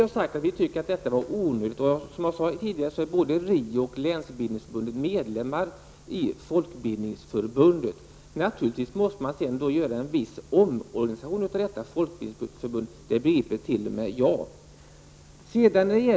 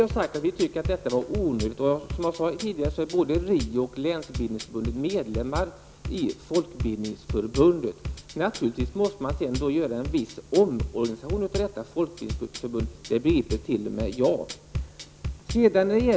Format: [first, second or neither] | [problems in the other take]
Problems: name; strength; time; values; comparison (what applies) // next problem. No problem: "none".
first | background sound (Bass drum / Drum kit); 9 dB below the speech